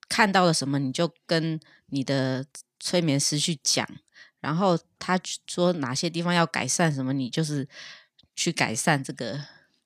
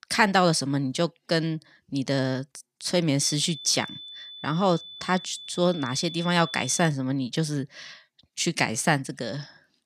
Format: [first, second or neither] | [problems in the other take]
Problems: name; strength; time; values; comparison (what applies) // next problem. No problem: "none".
first | high-pitched whine; noticeable; from 3 to 7 s; 3.5 kHz, 15 dB below the speech